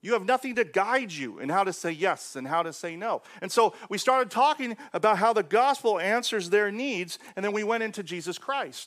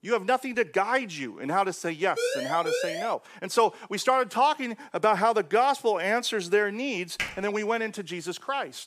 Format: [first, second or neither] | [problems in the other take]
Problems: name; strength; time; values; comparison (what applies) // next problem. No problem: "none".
first | siren; noticeable; at 2 s; peak 2 dB below the speech // keyboard typing; noticeable; at 7 s; peak 6 dB below the speech